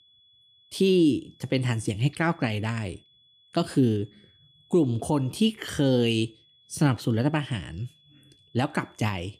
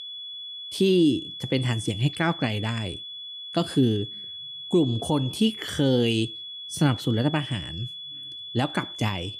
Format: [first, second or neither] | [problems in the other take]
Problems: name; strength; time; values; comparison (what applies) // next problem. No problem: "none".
first | high-pitched whine; loud; throughout; 3.5 kHz, 10 dB below the speech; faint in the first